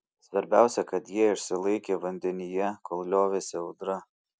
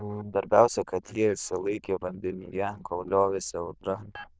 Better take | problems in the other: first | noise reduction (neural diffusion model UNIVERSE++)

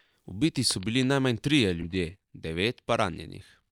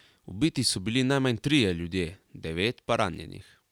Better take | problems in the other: second | noise reduction (neural mask model DeepFilterNet 3)

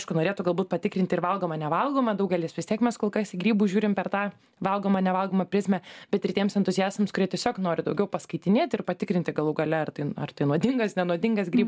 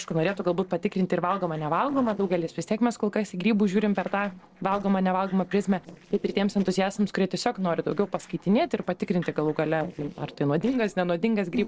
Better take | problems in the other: first | noise reduction (neural separator model SepFormer DNS4)

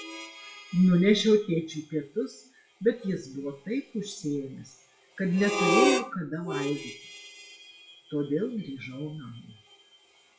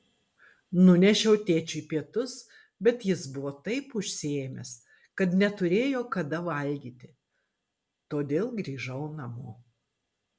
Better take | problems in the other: second | noise reduction (classical method WPE with log-MMSE)

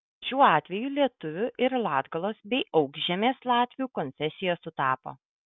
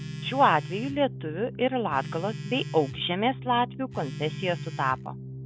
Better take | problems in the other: first | background sound (Telephone + Organ); 9 dB below the speech

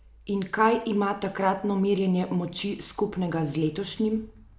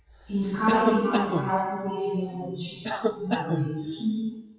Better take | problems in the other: first | noise reduction (classical method WPE with log-MMSE)

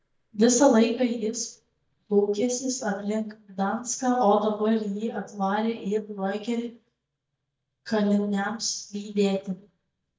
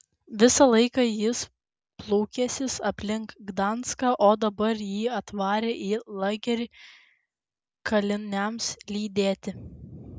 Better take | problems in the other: second | noise reduction (neural mask model DeepFilterNet 3)

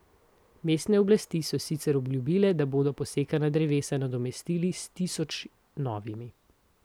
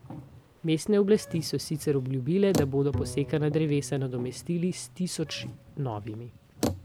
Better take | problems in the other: first | background sound (Bowed string instrument + Bicycle); 10 dB below the speech

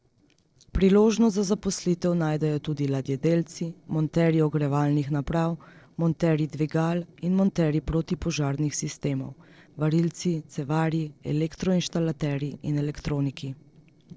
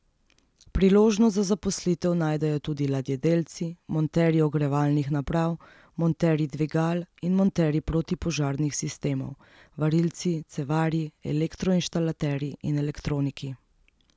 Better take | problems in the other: second | noise reduction (neural separator model SepFormer DNS4)

